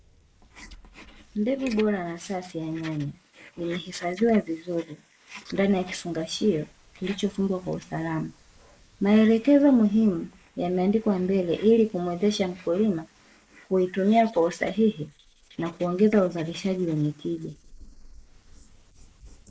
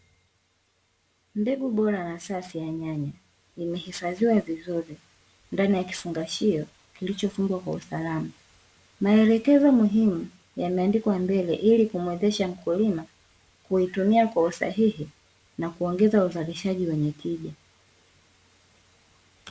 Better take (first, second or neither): second